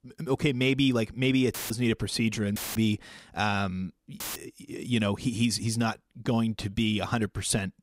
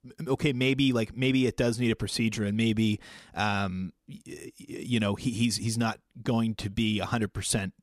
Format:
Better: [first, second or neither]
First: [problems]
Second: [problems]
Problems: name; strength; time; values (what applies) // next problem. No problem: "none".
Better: second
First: audio cutting out; filled with static; at 1.5 s, at 2.5 s and at 4 s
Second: none